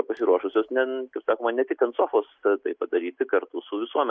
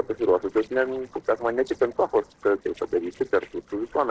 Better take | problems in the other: first | noise reduction (neural separator model SepFormer DNS4)

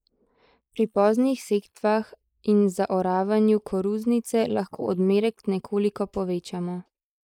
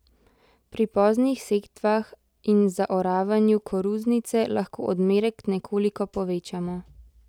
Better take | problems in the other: second | noise reduction (neural mask model Resemble Enhance denoiser)

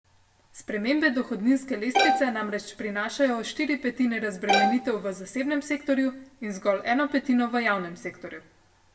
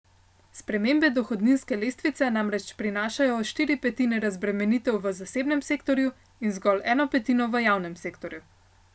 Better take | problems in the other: second | background sound (Bowed string instrument); 1 dB above the speech // room echo; dies away in 0.5 s

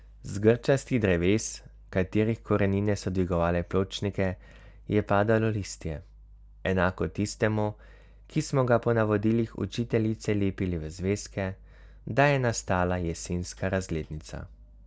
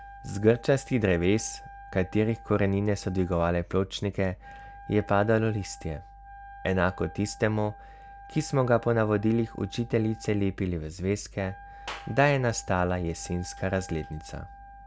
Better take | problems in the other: first | background sound (Wind instrument, woodwind instrument + Clapping); 20 dB below the speech

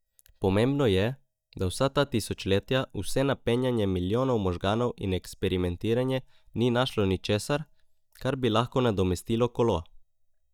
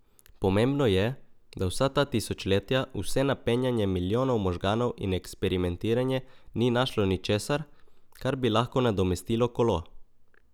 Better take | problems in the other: second | noise reduction (neural mask model DeepFilterNet 3)

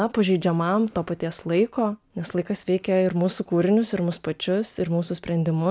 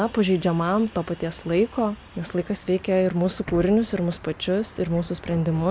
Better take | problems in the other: first | background sound (Bus); 18 dB below the speech

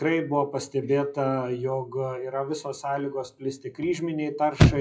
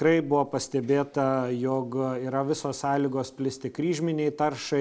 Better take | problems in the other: second | noise reduction (classical method WPE with log-MMSE)

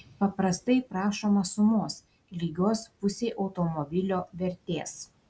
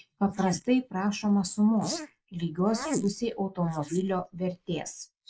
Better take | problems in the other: first | noise reduction (neural mask model Resemble Enhance denoiser)

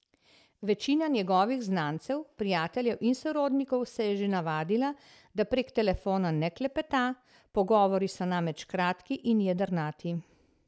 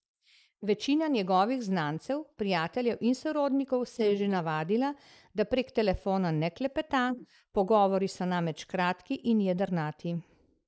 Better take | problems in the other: first | noise reduction (neural mask model Resemble Enhance denoiser)

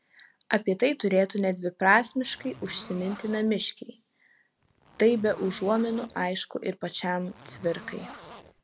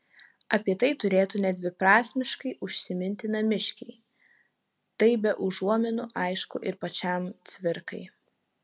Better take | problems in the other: second | background sound (Zipper (clothing)); 19 dB below the speech

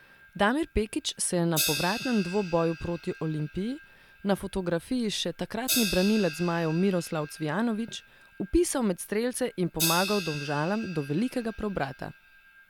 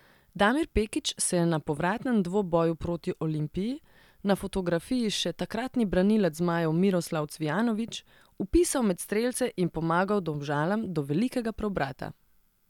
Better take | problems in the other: second | background sound (Crash cymbal); 9 dB below the speech

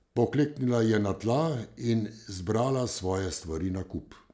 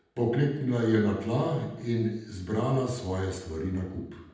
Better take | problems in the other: first | room echo; dies away in 0.8 s

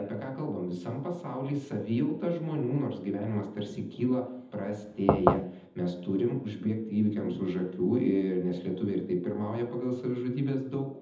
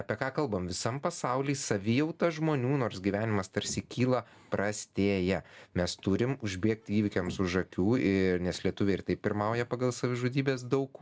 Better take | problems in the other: second | background sound (Knock / Wood); 4 dB above the speech // room echo; dies away in 0.8 s

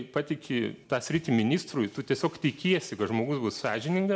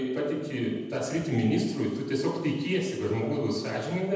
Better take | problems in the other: first | room echo; dies away in 1 s

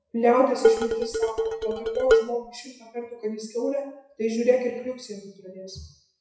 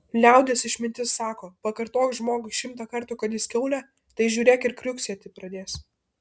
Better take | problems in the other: second | noise reduction (classical method WPE with log-MMSE)

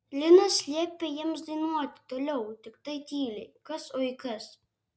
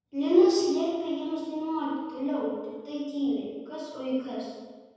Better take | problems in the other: first | room echo; dies away in 1.2 s

